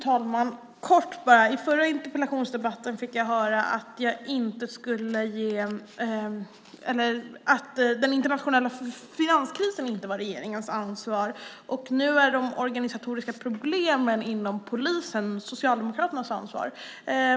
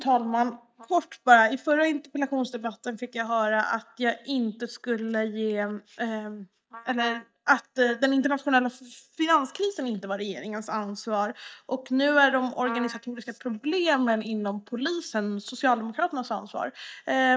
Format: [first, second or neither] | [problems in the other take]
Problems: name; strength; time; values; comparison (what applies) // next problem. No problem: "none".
first | noise reduction (neural mask model DeepFilterNet 3)